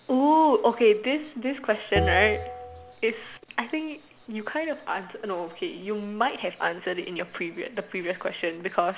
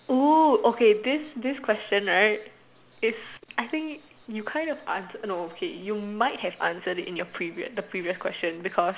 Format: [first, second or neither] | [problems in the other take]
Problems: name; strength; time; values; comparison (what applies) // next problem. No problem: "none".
second | background sound (Bell); 6 dB below the speech